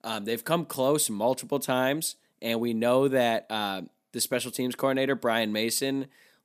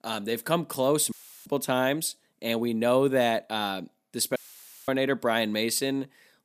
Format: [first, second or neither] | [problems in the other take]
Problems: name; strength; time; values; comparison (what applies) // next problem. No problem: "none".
first | audio cutting out; filled with static; at 1 s and at 4.5 s for 0.5 s